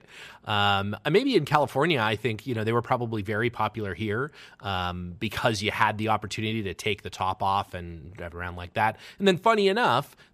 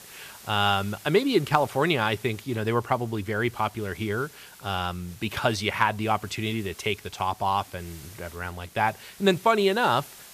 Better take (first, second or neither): first